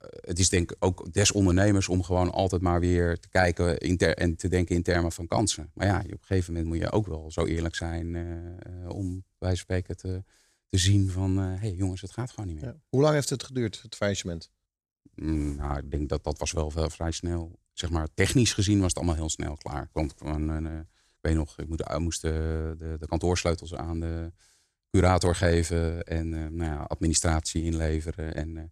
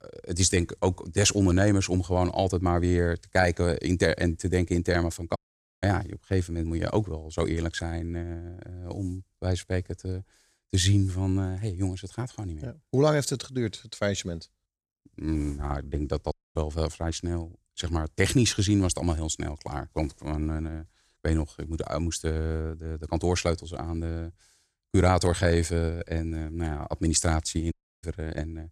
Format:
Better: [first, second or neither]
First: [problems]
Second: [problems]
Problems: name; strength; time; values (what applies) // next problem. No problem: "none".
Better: first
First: none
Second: audio cutting out; at 5.5 s, at 16 s and at 28 s